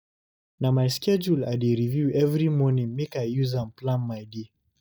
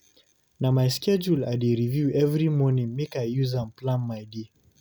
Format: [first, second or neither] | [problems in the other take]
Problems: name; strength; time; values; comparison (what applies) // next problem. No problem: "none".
second | noise reduction (neural mask model DeepFilterNet 3)